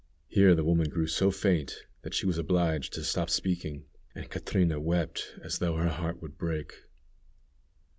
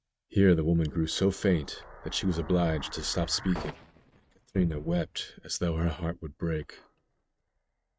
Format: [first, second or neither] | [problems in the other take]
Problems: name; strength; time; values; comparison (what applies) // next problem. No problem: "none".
first | noise reduction (neural mask model RNNoise)